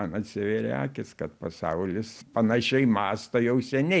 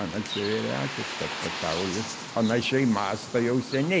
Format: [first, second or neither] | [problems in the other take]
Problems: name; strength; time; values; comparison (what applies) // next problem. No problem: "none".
first | background sound (Bird); 8 dB below the speech